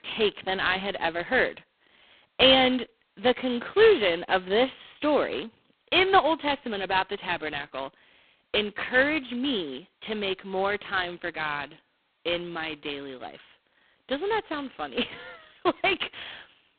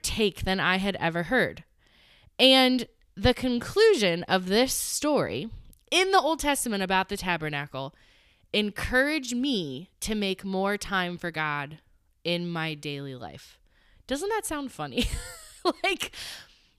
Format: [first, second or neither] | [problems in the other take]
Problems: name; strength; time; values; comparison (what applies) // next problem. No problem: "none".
second | phone-call audio; poor line